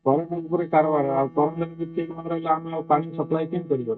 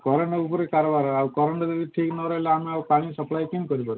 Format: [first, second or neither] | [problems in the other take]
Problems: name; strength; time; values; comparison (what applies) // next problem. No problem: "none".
second | noise reduction (neural mask model DeepFilterNet 3)